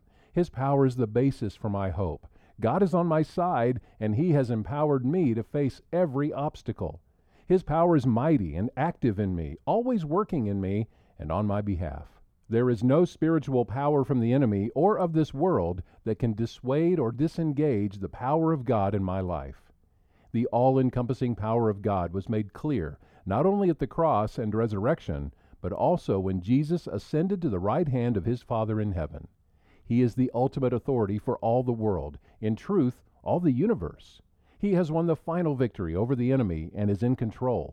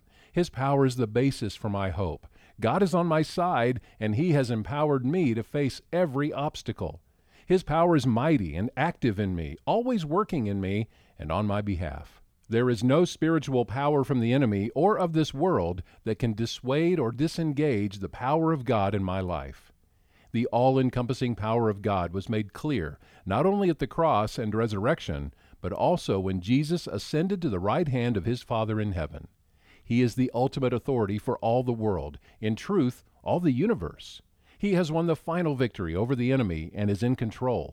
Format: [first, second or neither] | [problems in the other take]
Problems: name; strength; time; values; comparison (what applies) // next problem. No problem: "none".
second | muffled; slightly; fading above 1.5 kHz